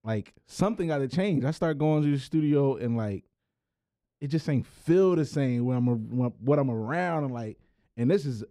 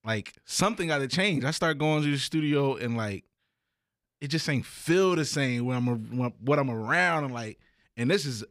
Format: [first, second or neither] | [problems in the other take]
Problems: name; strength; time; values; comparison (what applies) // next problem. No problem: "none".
second | muffled; slightly; fading above 1 kHz